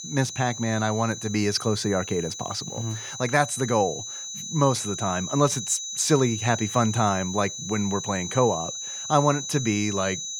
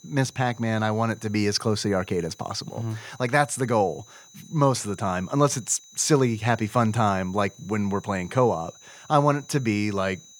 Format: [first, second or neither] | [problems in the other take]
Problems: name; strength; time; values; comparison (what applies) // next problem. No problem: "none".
second | high-pitched whine; loud; throughout; 6 kHz, 7 dB below the speech; faint in the second